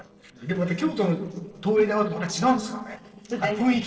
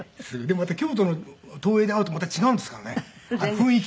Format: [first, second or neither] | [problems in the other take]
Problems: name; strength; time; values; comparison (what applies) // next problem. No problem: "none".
second | noise reduction (neural separator model SepFormer DNS4)